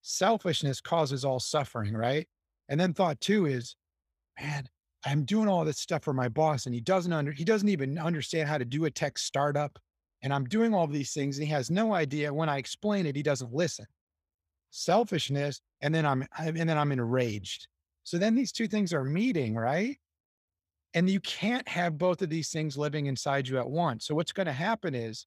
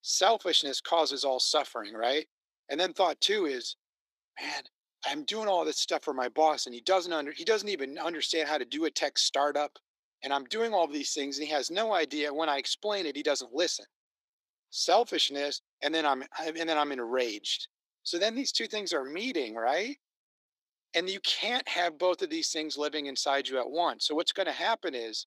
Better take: first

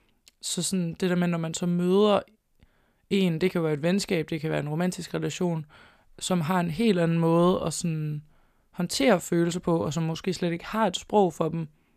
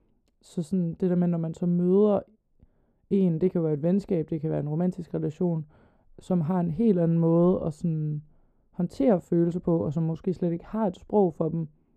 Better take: first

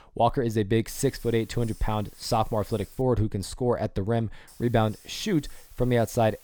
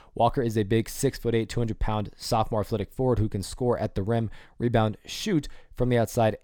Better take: second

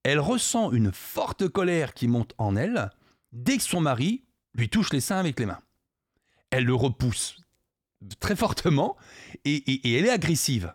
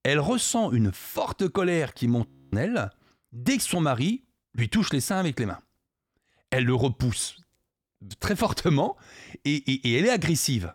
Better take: first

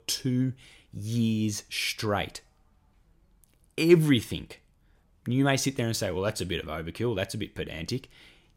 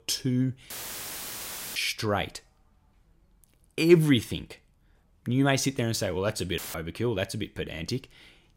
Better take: first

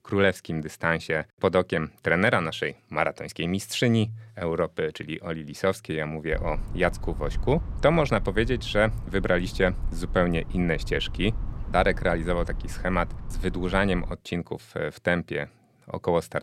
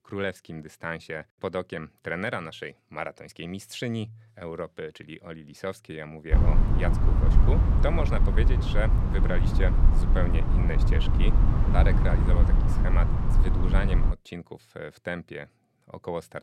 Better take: first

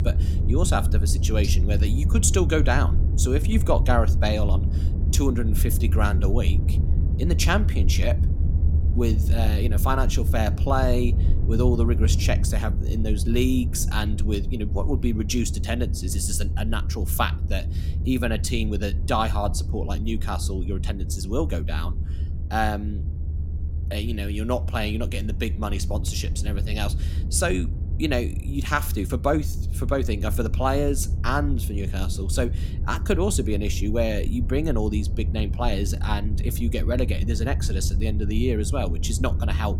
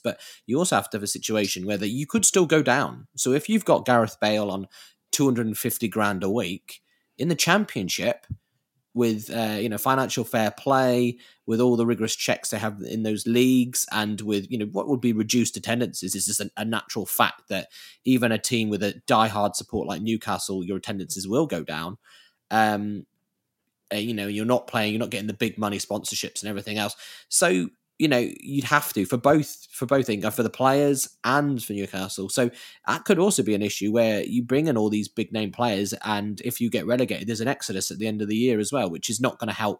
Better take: second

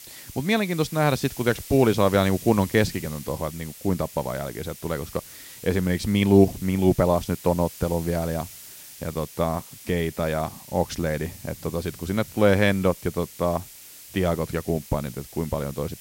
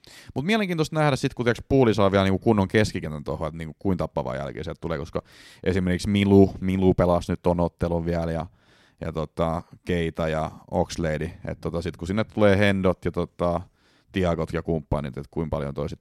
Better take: second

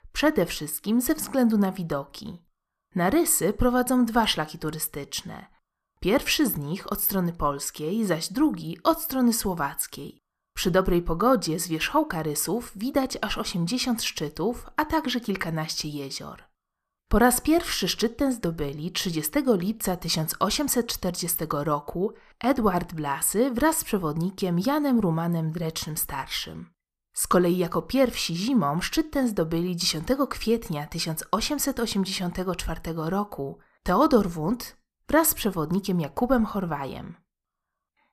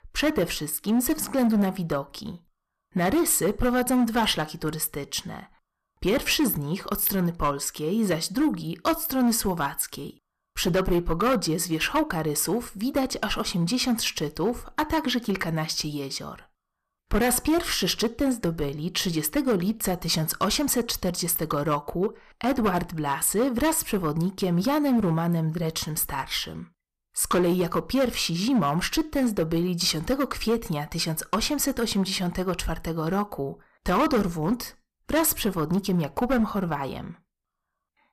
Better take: first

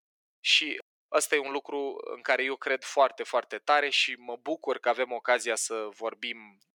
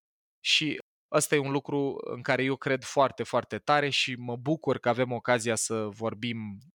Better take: second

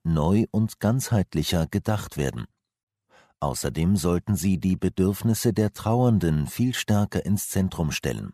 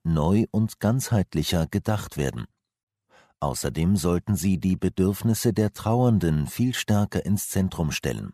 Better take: neither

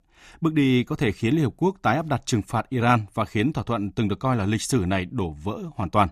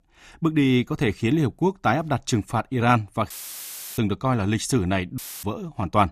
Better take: first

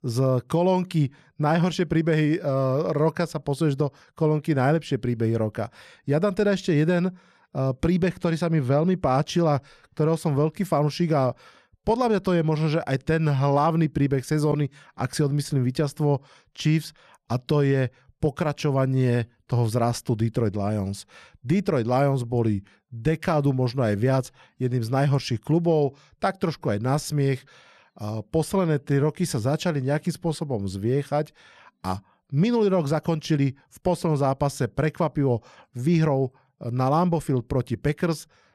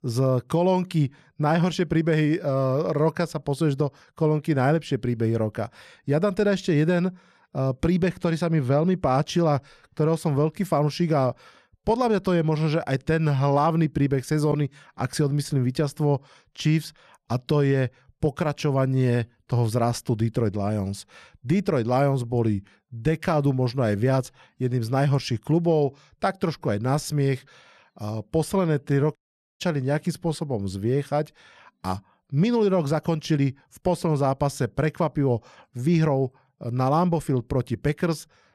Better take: first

